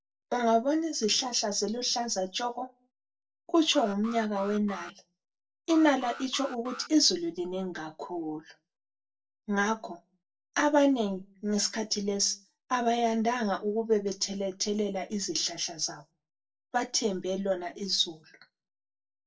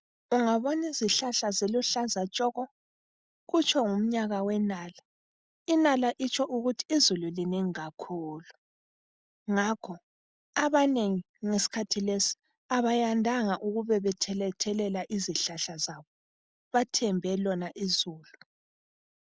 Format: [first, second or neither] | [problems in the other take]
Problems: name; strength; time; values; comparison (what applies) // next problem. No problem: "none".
second | noise reduction (neural separator model SepFormer DNS4)